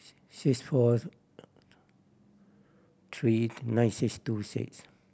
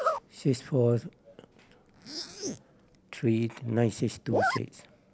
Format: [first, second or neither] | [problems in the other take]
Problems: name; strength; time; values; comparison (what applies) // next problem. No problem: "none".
first | background sound (Zipper (clothing)); 5 dB below the speech